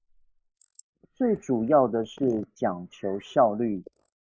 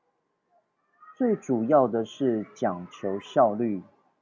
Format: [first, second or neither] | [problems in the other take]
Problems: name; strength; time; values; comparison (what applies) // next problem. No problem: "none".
second | noise reduction (neural mask model Resemble Enhance denoiser)